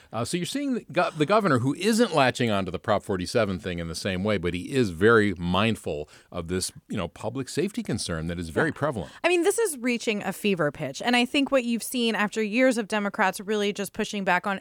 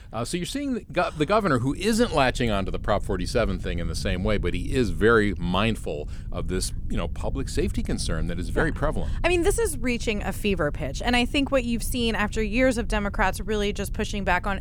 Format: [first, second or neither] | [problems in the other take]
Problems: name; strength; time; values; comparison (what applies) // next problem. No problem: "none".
first | low rumble; faint; throughout; 25 dB below the speech